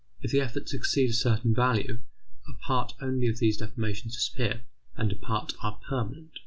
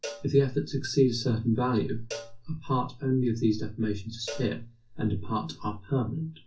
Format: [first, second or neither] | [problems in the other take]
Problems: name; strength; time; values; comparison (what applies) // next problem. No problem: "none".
first | background sound (Cowbell); 18 dB below the speech // room echo; dies away in 0.3 s